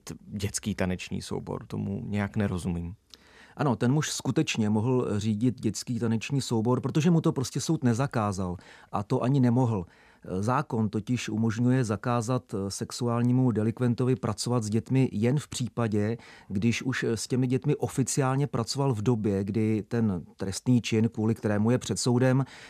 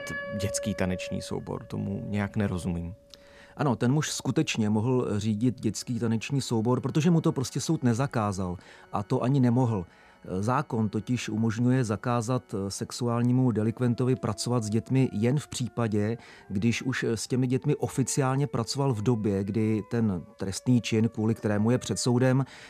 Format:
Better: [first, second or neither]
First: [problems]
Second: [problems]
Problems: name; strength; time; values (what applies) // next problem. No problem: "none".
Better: first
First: none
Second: background music; faint; throughout; 20 dB below the speech